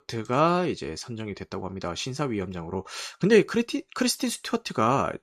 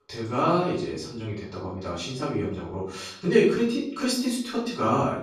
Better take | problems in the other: first | room echo; noticeable; dies away in 0.6 s // off-mic speech; far

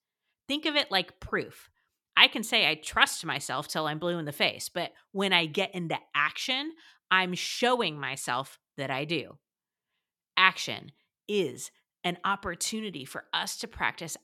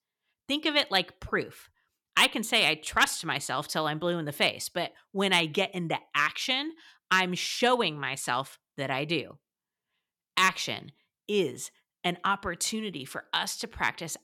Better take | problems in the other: first | distortion; slight; 0.4% of the sound clipped

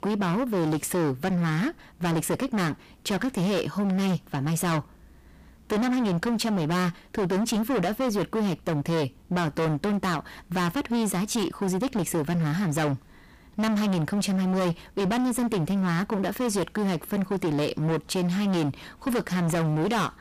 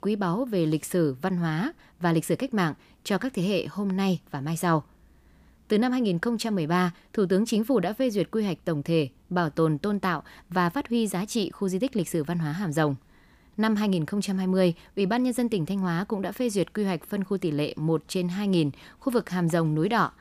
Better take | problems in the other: second | distortion; heavy; 29% of the sound clipped

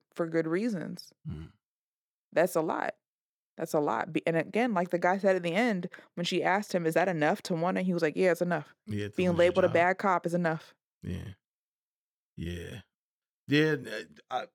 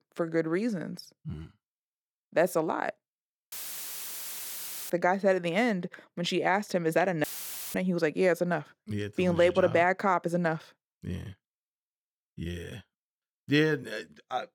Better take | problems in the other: first | audio cutting out; filled with static; at 3.5 s for 1.5 s and at 7 s for 0.5 s

